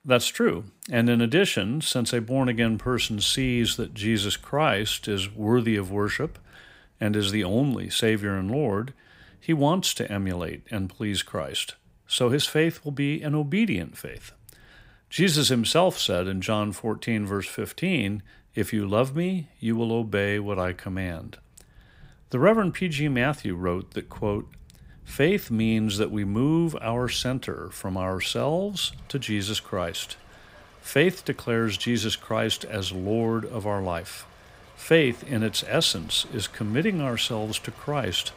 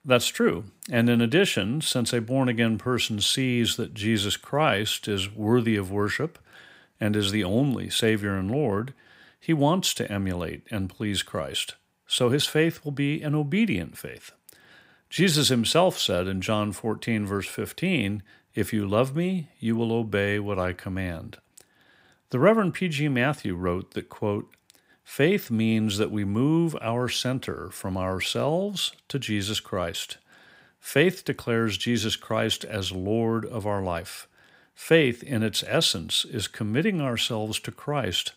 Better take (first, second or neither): second